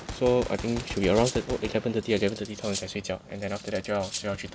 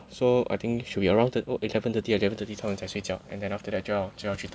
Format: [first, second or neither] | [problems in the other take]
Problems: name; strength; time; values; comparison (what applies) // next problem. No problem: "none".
second | background sound (Gunshot, gunfire + Cutlery, silverware); 11 dB below the speech